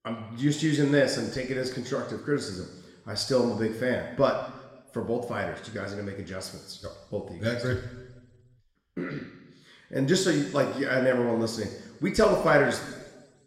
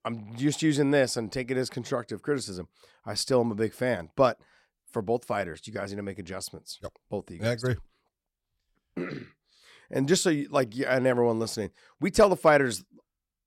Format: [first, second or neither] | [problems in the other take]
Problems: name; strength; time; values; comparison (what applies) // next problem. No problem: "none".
second | room echo; slight; dies away in 1.1 s